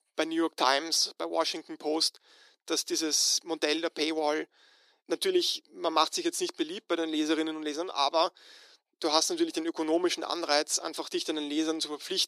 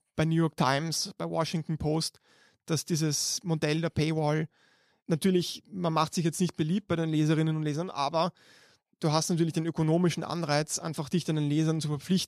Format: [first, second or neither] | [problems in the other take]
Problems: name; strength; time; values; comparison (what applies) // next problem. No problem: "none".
second | thin; very; fading below 300 Hz